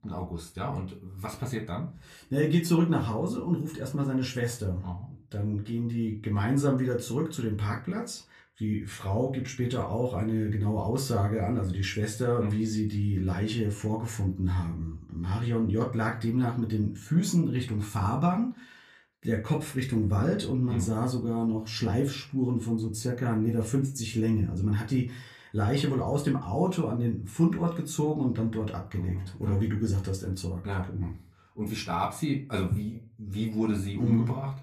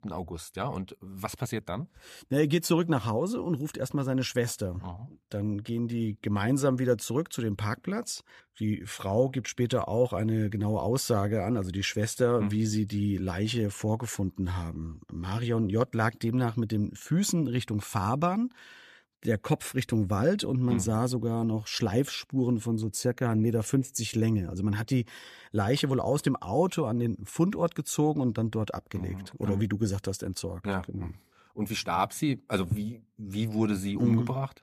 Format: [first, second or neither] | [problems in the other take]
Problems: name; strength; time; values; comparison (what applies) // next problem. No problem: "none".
second | off-mic speech; somewhat distant // room echo; very slight; dies away in 0.3 s